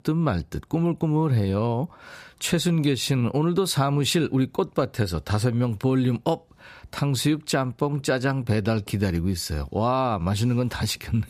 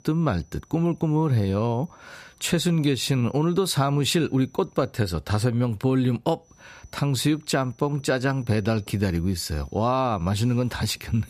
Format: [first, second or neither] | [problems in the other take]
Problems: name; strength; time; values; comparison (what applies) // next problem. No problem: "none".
first | high-pitched whine; faint; until 5 s and from 6.5 s on; 6 kHz, 35 dB below the speech